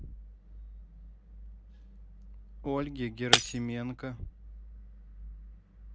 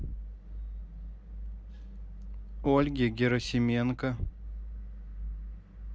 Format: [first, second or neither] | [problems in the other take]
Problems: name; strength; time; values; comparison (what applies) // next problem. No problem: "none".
second | background sound (Shatter); 5 dB above the speech